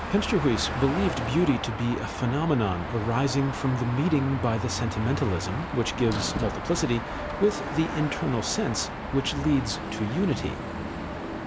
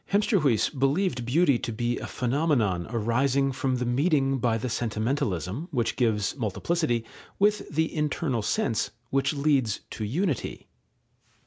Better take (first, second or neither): second